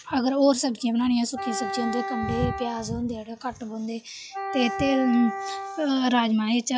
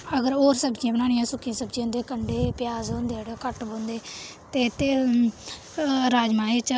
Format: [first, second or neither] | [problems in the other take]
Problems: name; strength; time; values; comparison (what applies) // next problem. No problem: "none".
second | noise reduction (classical method log-MMSE)